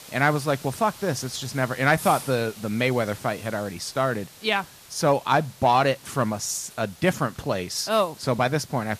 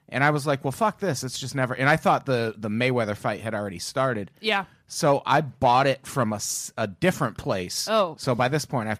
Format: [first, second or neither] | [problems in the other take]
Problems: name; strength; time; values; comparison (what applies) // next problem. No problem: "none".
second | hiss; noticeable; throughout; 20 dB below the speech